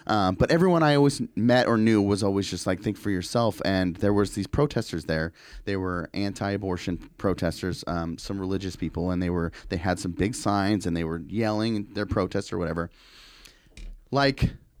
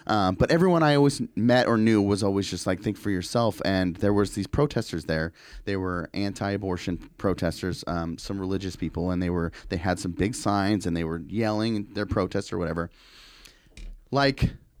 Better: neither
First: none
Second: none

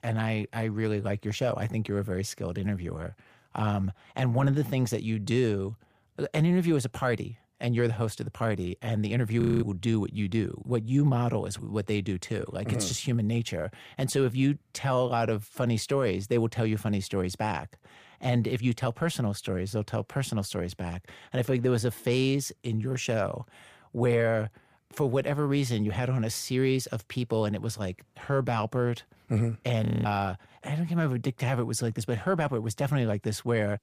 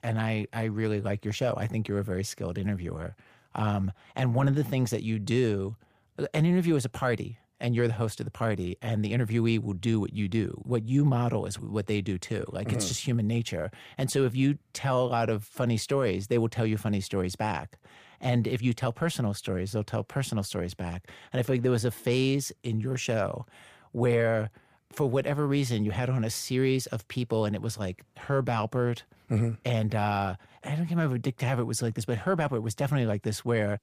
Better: second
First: audio freezing; at 9.5 s and at 30 s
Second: none

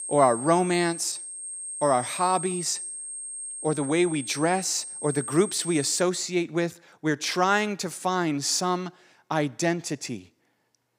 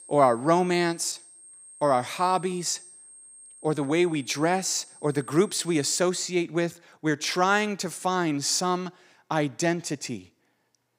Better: second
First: high-pitched whine; loud; until 6 s; 8.5 kHz, 8 dB below the speech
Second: high-pitched whine; faint; until 6 s; 8.5 kHz, 20 dB below the speech

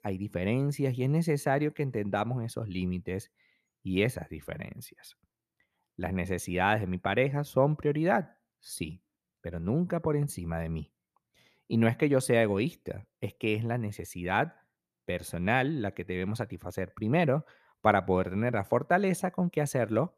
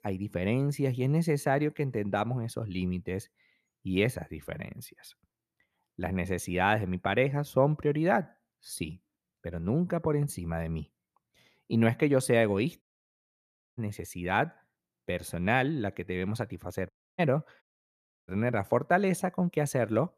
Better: first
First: none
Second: audio cutting out; at 13 s for 1 s, at 17 s and at 18 s for 0.5 s

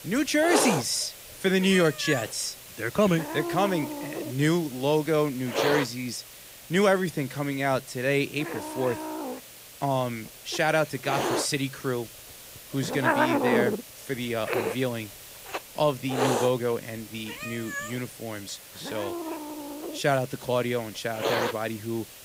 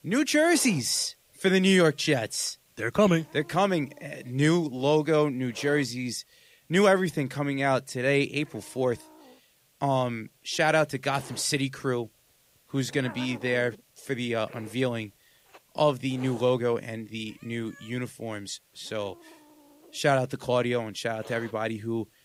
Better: second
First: hiss; loud; throughout; 4 dB below the speech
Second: hiss; faint; throughout; 25 dB below the speech

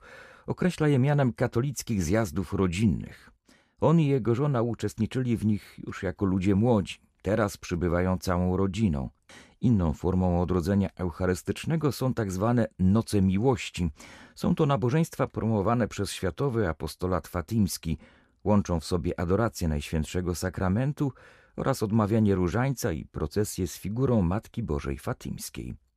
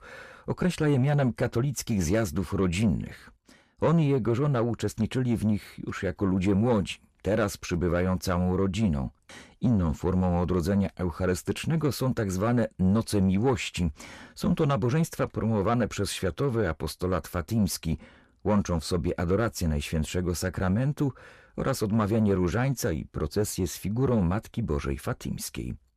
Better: first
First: none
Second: distortion; slight; 10 dB below the speech

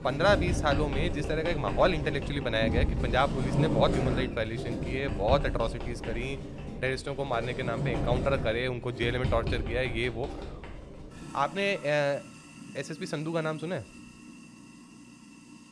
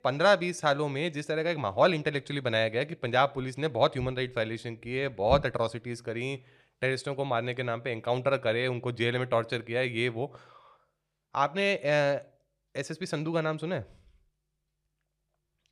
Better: second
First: household noises; loud; throughout; 4 dB below the speech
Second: none

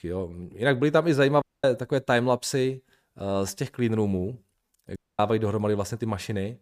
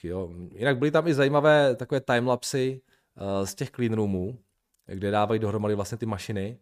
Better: second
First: audio cutting out; at 1.5 s and at 5 s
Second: none

